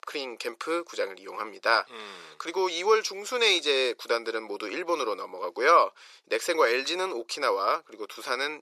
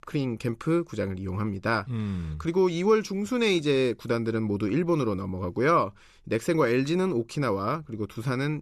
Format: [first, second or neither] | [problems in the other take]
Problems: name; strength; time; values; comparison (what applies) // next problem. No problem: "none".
second | thin; very; fading below 500 Hz